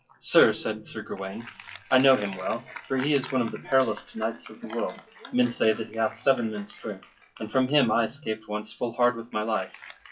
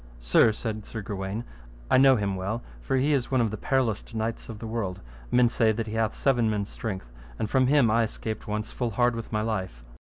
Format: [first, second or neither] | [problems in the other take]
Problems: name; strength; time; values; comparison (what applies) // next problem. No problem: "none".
second | noise reduction (classical method WPE with log-MMSE)